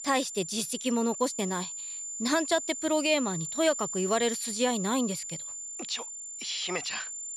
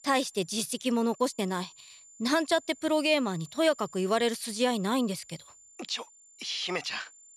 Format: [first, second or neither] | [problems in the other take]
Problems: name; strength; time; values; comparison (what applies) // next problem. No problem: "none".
second | high-pitched whine; loud; throughout; 7 kHz, 6 dB below the speech; faint in the second